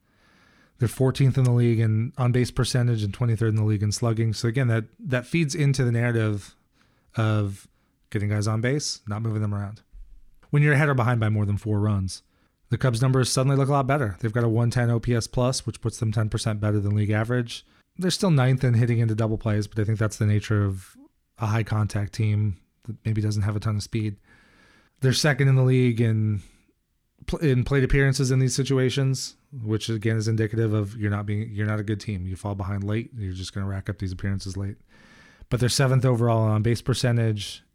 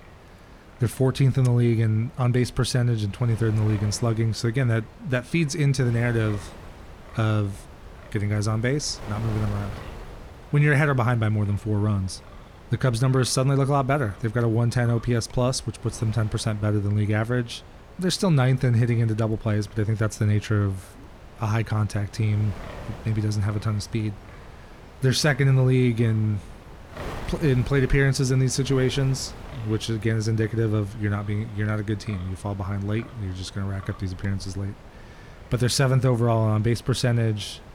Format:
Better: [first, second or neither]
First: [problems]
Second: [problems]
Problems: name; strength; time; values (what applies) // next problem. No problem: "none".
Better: first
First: none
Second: wind noise on the microphone; occasional gusts; 15 dB below the speech